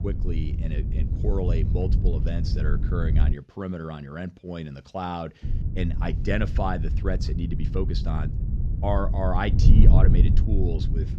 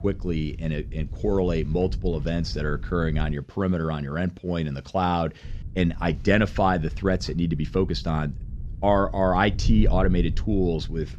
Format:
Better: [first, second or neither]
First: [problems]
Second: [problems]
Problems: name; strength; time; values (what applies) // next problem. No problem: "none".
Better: second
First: wind noise on the microphone; heavy; until 3.5 s and from 5.5 s on; 7 dB below the speech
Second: wind noise on the microphone; occasional gusts; until 3.5 s and from 5.5 s on; 20 dB below the speech